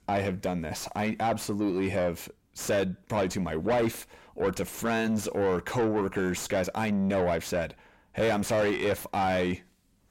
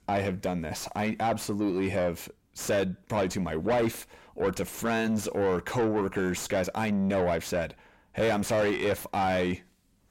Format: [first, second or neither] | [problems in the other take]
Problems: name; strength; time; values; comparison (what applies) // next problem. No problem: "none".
neither | distortion; heavy; 6 dB below the speech; the same in both